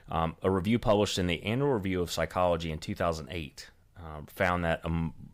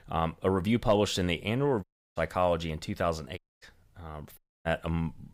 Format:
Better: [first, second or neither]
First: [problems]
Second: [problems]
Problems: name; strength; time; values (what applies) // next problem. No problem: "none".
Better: first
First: none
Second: audio cutting out; at 2 s, at 3.5 s and at 4.5 s